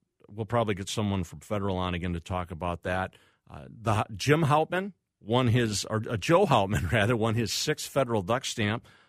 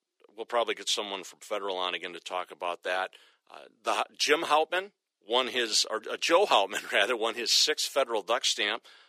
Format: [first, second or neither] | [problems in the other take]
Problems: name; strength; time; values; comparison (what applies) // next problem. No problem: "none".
first | thin; very; fading below 350 Hz